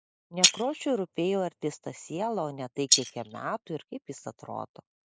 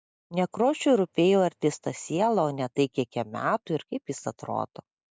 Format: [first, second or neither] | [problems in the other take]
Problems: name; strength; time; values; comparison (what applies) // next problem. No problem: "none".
second | noise reduction (neural mask model Resemble Enhance denoiser)